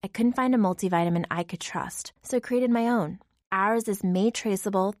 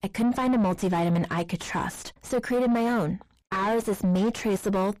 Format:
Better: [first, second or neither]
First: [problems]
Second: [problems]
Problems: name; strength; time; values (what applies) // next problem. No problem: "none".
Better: first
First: none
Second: distortion; heavy; 6 dB below the speech